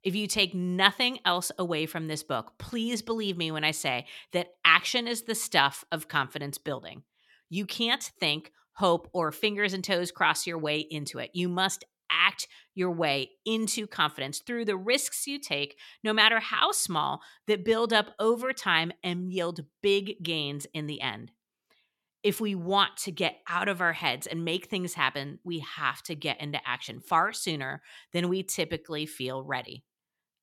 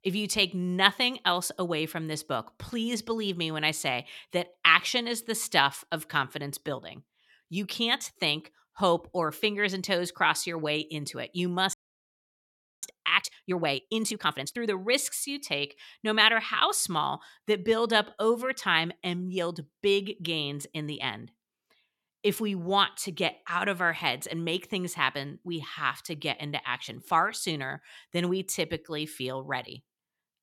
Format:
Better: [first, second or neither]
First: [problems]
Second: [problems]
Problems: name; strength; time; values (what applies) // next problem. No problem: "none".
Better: first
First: none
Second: audio freezing; at 12 s for 1 s